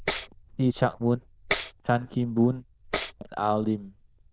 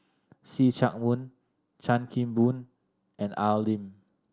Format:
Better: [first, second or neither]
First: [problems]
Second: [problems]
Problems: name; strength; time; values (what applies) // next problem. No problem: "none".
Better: second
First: noise reduction (neural diffusion model UNIVERSE++)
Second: none